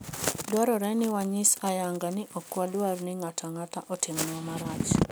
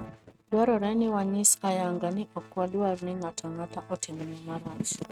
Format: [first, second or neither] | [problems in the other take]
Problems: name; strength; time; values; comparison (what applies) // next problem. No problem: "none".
first | noise reduction (neural mask model RNNoise)